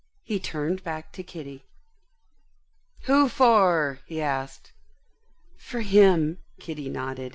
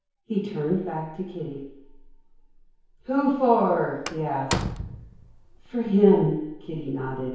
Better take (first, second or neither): first